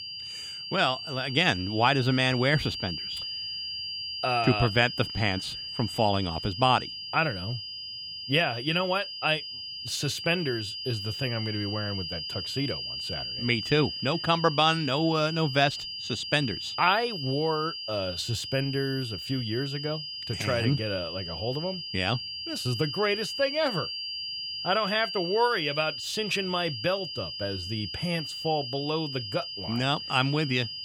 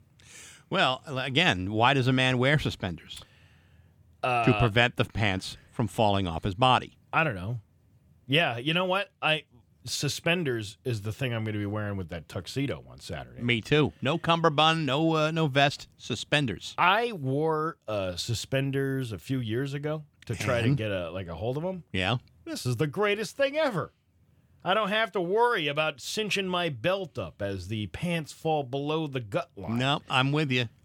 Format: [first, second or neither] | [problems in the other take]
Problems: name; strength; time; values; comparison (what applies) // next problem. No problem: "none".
second | high-pitched whine; loud; throughout; 5 kHz, 6 dB below the speech